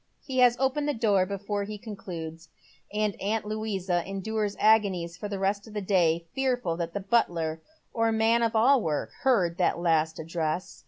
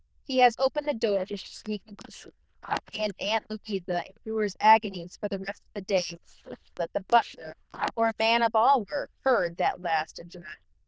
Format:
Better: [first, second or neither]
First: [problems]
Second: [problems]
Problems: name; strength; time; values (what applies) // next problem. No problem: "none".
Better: first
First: none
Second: noise reduction (neural diffusion model UNIVERSE++)